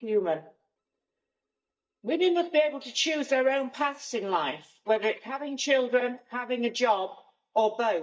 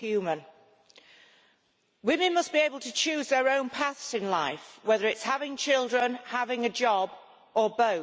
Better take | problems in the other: second | noise reduction (neural mask model DeepFilterNet 3)

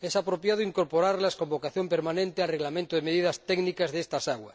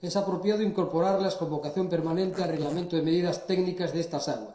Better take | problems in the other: first | noise reduction (neural separator model SepFormer DNS4)

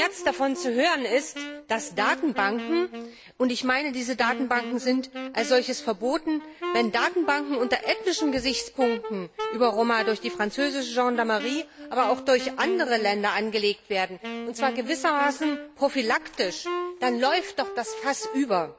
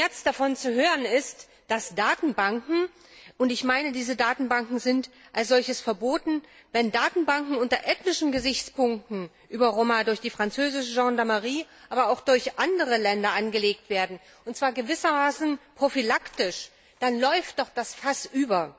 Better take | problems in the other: second | background sound (Wind instrument, woodwind instrument); 11 dB below the speech

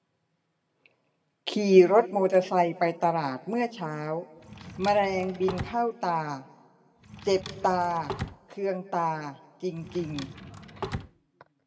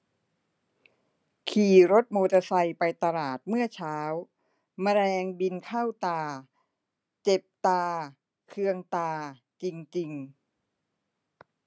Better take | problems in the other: second | background sound (Drawer open or close); 13 dB below the speech // room echo; dies away in 1.1 s

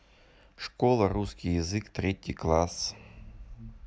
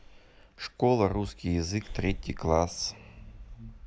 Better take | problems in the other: first | background sound (Breathing); 14 dB below the speech

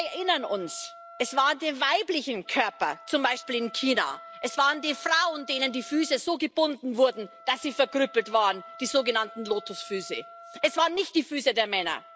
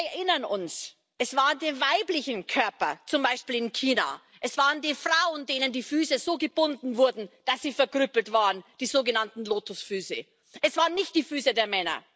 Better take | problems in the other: second | background sound (Wind instrument, woodwind instrument); 20 dB below the speech

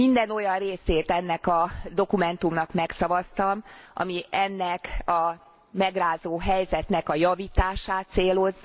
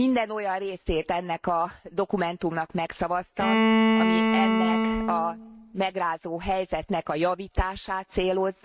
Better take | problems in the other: first | noise reduction (neural mask model RNNoise)

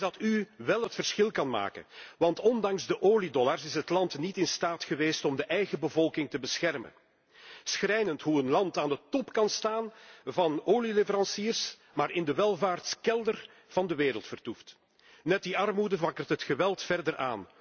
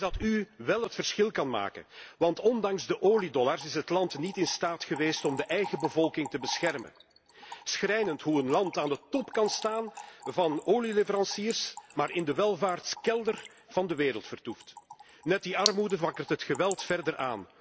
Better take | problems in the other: first | background sound (Trickle, dribble / Splash, splatter); 14 dB below the speech

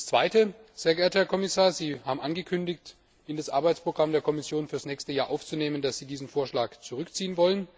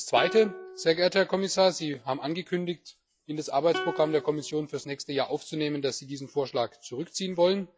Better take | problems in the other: first | noise reduction (classical method log-MMSE)

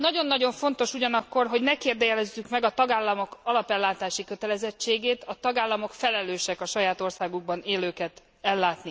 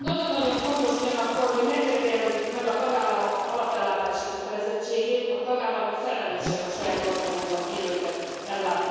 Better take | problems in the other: first | background sound (Toilet flush / Water); 12 dB below the speech // room echo; dies away in 2.2 s

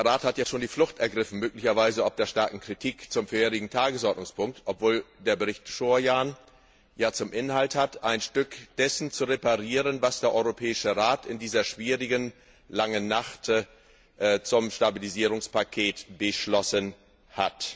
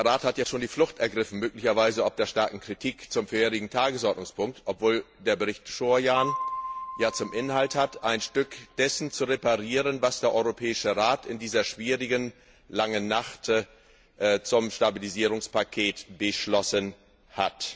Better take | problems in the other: first | background sound (Piano); 10 dB below the speech

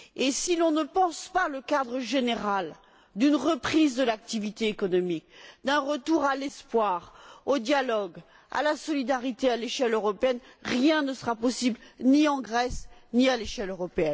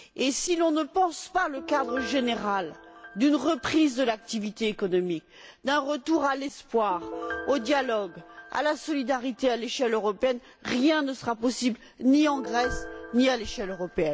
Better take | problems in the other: first | background sound (Piano); 16 dB below the speech

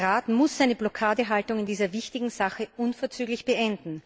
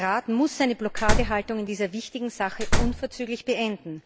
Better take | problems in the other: first | background sound (Slam); 2 dB above the speech

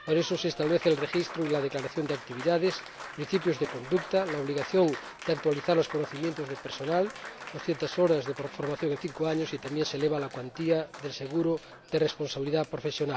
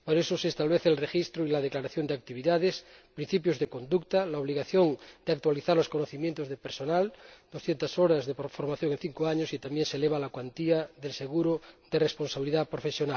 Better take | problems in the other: second | background sound (Applause); 14 dB below the speech

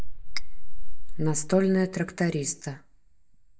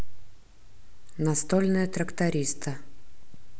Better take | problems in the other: second | noise reduction (neural mask model DeepFilterNet 3)

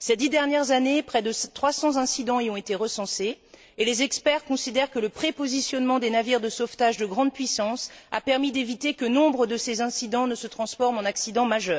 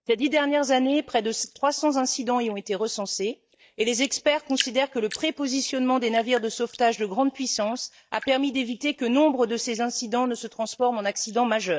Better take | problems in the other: first | noise reduction (neural mask model DeepFilterNet 3)

